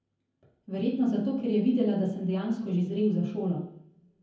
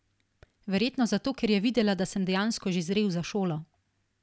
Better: second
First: room echo; dies away in 0.7 s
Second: none

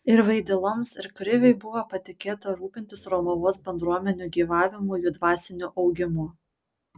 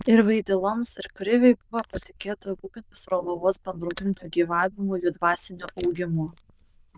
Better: first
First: none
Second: noise reduction (neural diffusion model UNIVERSE++)

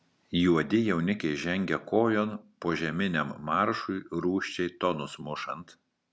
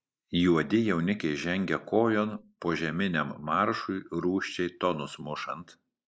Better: first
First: none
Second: noise reduction (neural mask model Resemble Enhance denoiser)

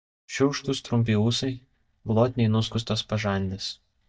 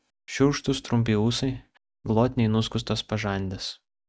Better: second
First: noise reduction (neural mask model DeepFilterNet 3)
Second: none

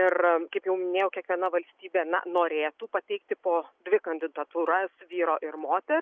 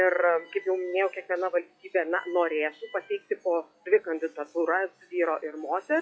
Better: first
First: none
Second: noise reduction (classical method WPE with log-MMSE)

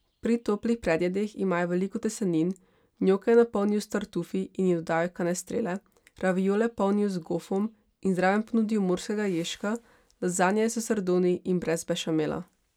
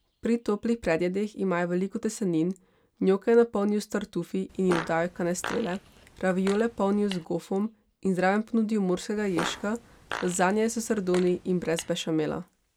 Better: first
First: none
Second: background sound (Fart); 12 dB below the speech

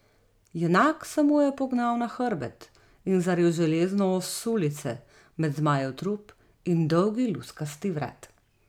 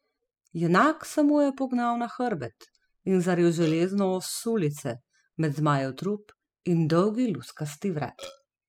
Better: first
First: none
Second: noise reduction (classical method spectral subtraction)

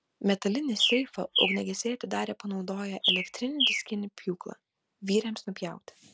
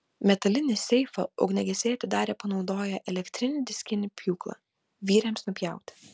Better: second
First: background sound (Bird); as loud as the speech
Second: none

